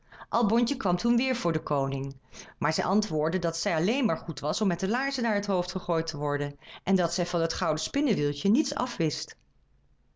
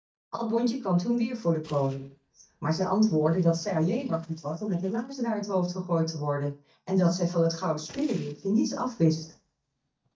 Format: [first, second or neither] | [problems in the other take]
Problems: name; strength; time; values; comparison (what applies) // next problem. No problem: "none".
first | noise reduction (neural mask model DeepFilterNet 3)